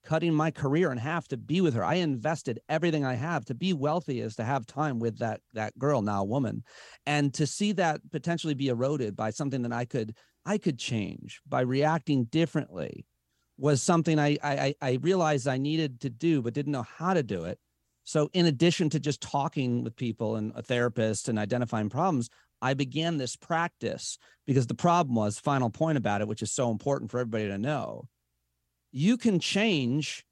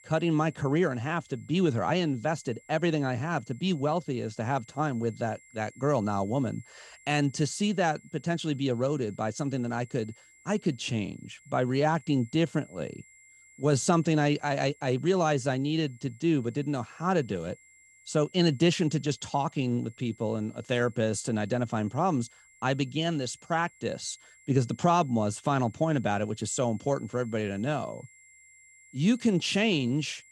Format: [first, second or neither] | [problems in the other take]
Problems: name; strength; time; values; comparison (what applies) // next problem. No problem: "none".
first | high-pitched whine; faint; throughout; 2 kHz, 25 dB below the speech